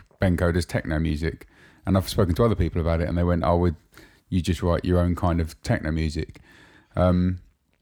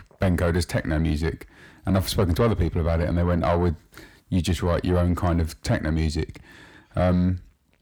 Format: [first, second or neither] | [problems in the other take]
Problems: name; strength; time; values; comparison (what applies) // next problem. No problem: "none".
first | distortion; slight; 10 dB below the speech